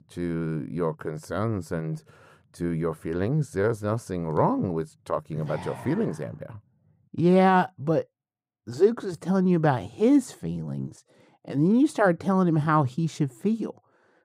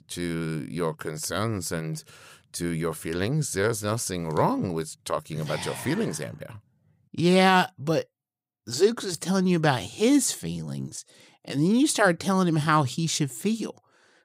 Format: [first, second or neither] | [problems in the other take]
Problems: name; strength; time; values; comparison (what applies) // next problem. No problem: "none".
second | muffled; very; fading above 2 kHz